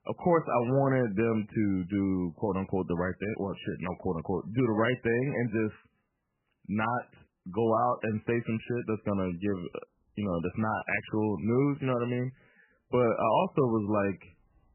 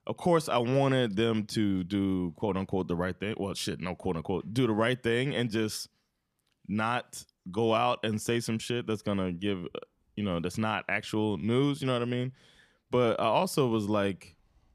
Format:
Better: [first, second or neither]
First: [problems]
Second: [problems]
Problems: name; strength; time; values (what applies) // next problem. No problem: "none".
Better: second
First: garbled, watery; badly; nothing above 3 kHz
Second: none